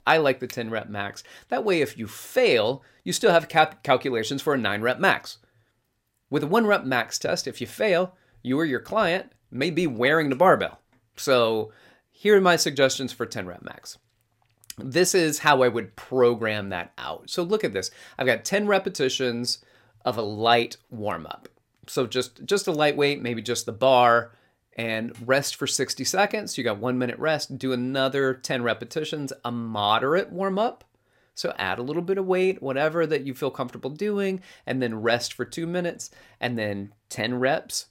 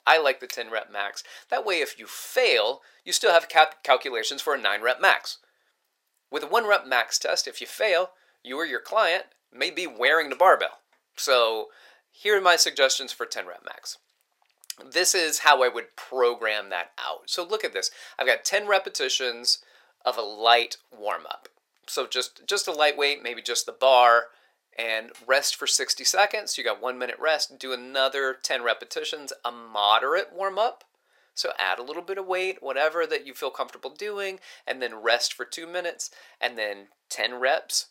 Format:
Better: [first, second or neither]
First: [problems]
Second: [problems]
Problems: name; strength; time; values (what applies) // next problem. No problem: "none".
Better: first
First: none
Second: thin; very; fading below 550 Hz